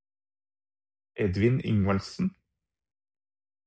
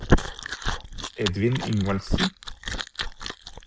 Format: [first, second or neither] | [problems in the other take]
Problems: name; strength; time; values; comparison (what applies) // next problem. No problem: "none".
first | background sound (Chewing, mastication); 2 dB above the speech